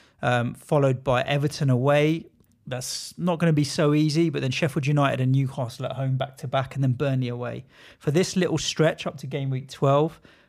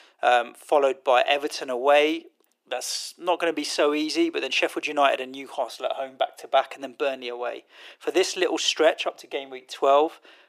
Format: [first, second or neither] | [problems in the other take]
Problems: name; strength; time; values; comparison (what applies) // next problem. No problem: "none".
first | thin; very; fading below 350 Hz